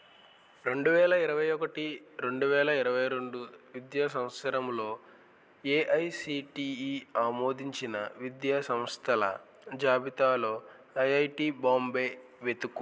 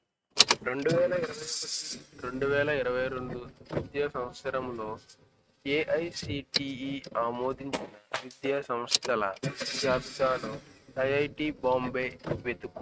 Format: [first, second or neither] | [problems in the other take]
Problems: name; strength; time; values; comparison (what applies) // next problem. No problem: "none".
first | noise reduction (neural mask model RNNoise)